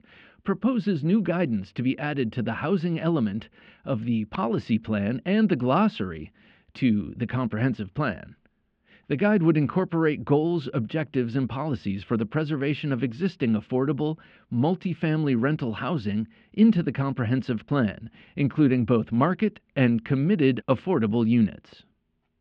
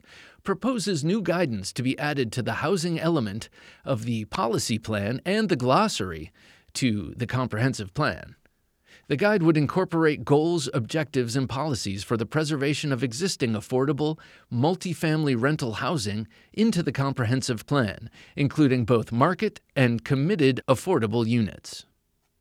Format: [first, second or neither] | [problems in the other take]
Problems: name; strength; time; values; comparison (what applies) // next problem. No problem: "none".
second | muffled; very; fading above 3 kHz